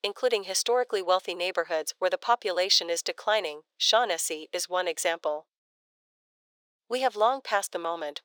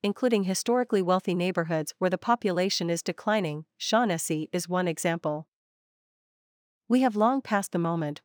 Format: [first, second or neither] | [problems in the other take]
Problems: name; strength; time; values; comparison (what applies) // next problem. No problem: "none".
second | thin; very; fading below 500 Hz